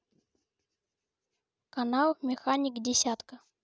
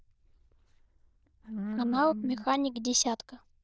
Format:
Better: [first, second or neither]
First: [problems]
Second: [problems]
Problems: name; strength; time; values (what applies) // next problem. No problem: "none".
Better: first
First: none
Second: noise reduction (neural diffusion model UNIVERSE++)